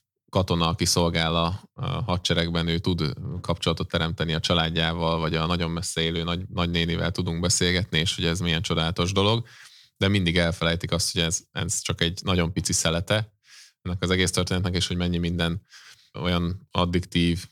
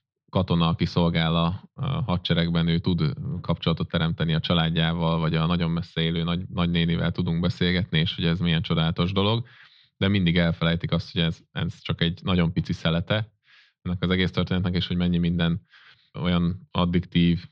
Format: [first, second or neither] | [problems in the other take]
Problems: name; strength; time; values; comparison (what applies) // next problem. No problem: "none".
first | muffled; slightly; fading above 4 kHz